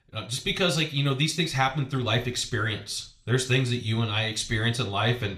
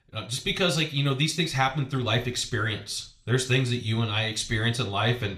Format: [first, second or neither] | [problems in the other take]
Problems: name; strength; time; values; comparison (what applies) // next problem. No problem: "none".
neither | room echo; very slight; dies away in 0.4 s; the same in both // off-mic speech; somewhat distant; the same in both